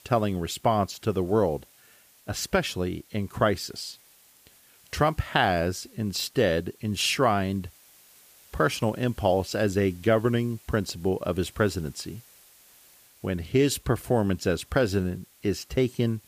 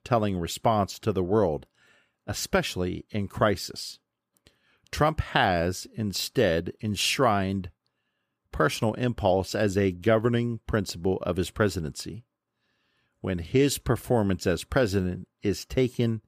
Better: second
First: hiss; faint; throughout; 25 dB below the speech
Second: none

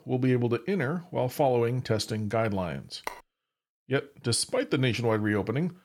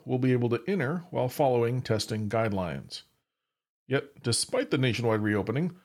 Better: second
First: phone ringing; faint; at 3 s; peak 10 dB below the speech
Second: none

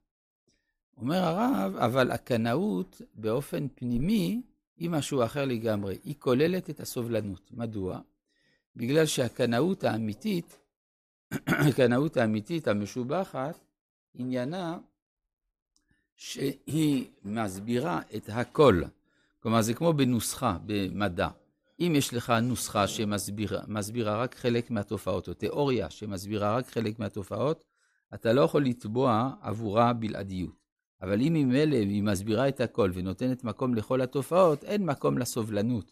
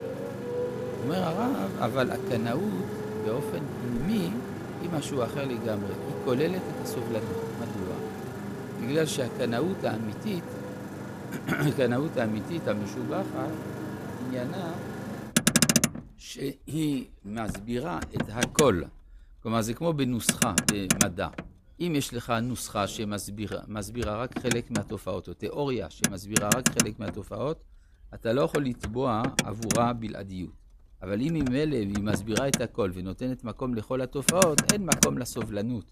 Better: first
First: none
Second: traffic noise; very loud; throughout; as loud as the speech

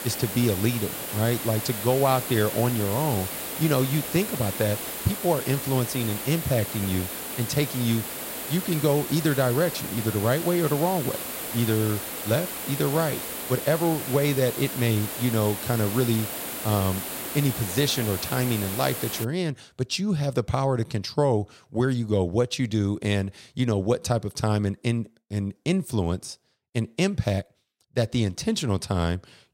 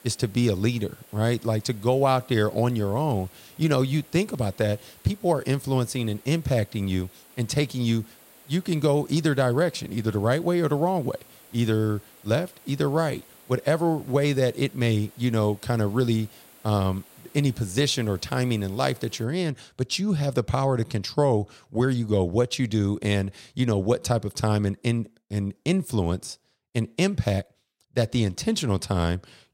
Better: second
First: hiss; loud; until 19 s; 5 dB below the speech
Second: hiss; faint; until 19 s; 25 dB below the speech

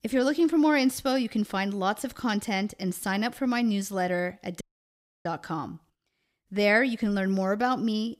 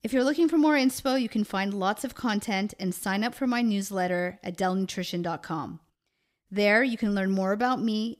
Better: second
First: audio cutting out; at 4.5 s for 0.5 s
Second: none

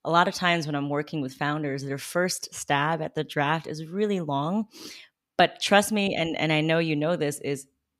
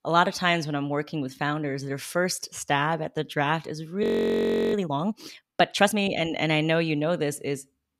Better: first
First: none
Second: audio freezing; at 4 s for 0.5 s

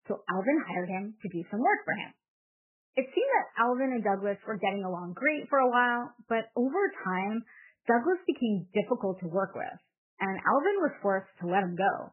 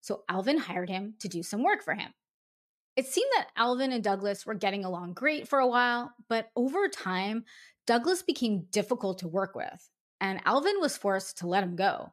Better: second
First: garbled, watery; badly; nothing above 3 kHz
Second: none

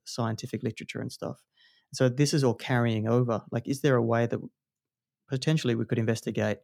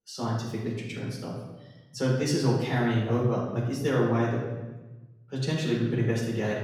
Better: first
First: none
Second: off-mic speech; far // room echo; noticeable; dies away in 1 s

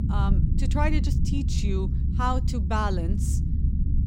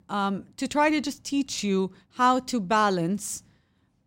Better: second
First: low rumble; loud; throughout; 9 dB below the speech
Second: none

